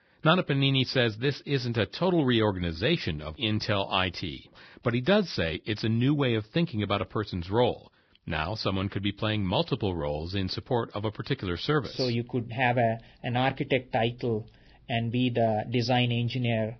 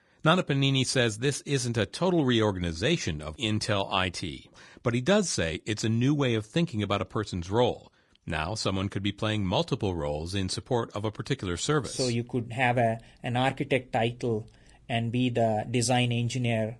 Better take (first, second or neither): second